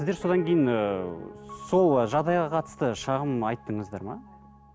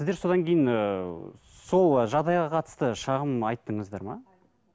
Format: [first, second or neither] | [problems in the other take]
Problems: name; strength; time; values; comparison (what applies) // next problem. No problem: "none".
second | background sound (Piano); 17 dB below the speech